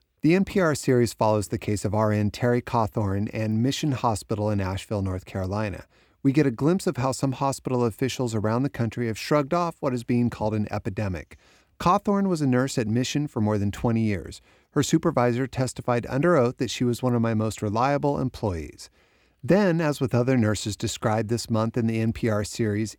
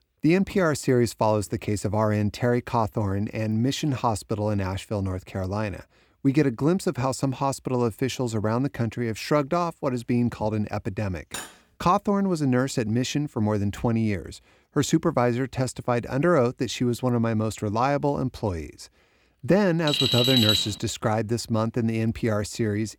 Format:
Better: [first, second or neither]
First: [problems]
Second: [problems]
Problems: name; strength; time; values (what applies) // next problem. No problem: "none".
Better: first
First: none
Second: clattering dishes; faint; at 11 s; peak 10 dB below the speech // alarm; loud; at 20 s; peak 5 dB above the speech